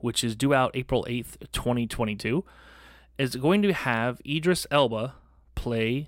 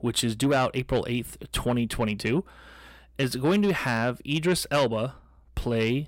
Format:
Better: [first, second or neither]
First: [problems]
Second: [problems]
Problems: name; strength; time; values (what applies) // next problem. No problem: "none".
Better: first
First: none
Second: distortion; slight; 10 dB below the speech